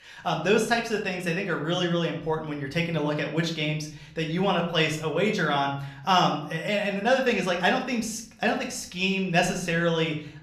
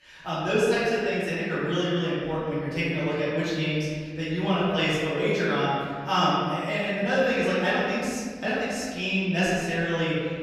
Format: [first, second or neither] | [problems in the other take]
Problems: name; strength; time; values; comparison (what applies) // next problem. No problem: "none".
first | room echo; strong; dies away in 1.7 s; slight in the first // off-mic speech; far; somewhat distant in the first